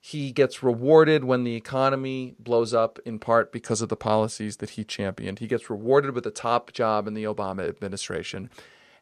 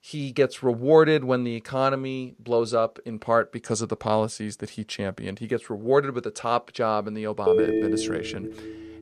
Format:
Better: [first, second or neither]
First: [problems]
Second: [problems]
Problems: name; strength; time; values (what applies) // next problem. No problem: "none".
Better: first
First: none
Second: phone ringing; loud; from 7.5 s on; peak 4 dB above the speech